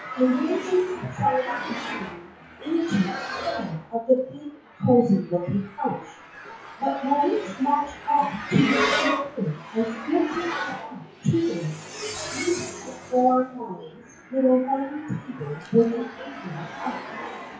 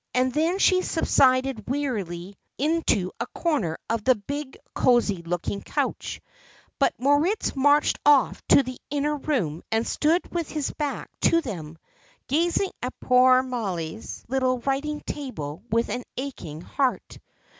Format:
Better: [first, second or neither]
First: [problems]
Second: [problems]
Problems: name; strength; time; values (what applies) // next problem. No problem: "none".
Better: second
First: noise reduction (classical method WPE with log-MMSE)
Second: none